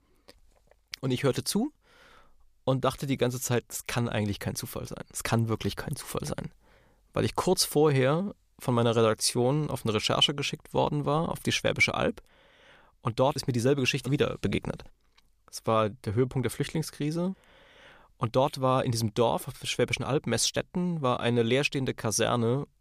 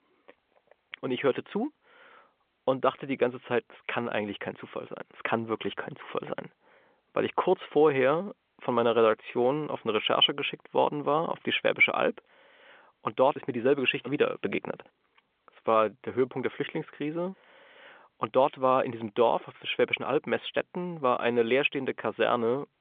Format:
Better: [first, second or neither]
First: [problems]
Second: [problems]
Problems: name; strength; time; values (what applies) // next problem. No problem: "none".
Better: first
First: none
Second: phone-call audio; nothing above 3 kHz